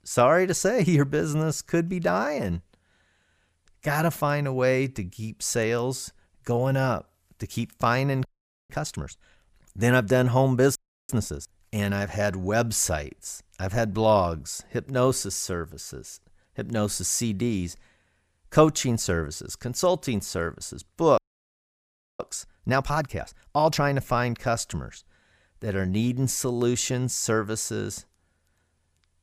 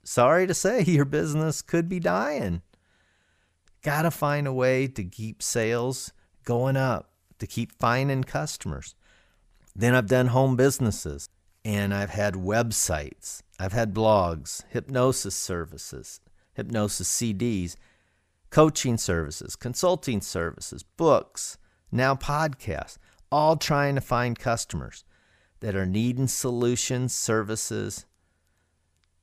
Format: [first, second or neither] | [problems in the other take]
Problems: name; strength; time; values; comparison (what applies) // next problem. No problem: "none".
second | audio freezing; at 8.5 s, at 11 s and at 21 s for 1 s